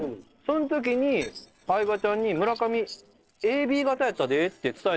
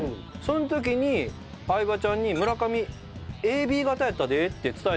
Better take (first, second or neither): second